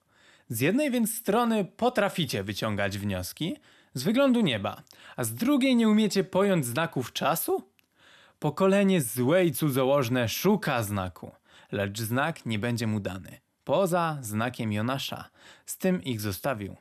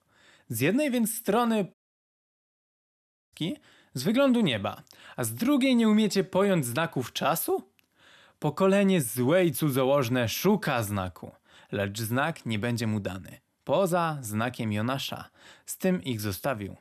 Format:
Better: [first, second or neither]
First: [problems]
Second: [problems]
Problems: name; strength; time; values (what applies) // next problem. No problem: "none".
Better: first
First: none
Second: audio cutting out; at 1.5 s for 1.5 s